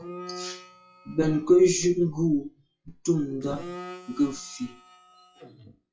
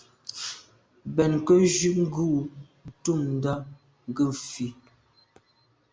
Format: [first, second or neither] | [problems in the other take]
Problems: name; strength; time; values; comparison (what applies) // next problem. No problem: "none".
second | noise reduction (classical method WPE with log-MMSE)